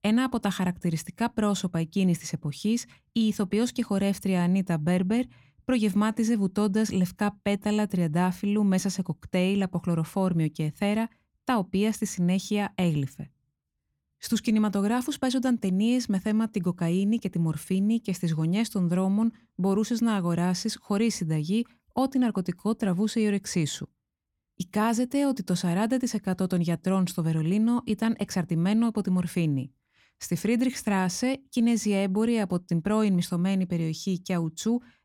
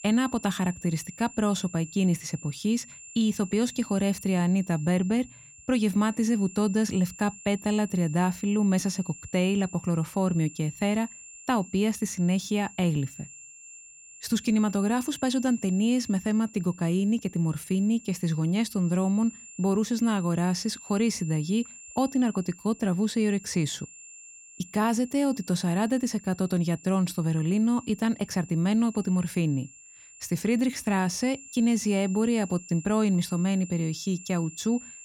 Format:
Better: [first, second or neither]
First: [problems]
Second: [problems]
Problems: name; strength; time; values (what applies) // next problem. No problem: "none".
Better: first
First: none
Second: high-pitched whine; noticeable; throughout; 7 kHz, 20 dB below the speech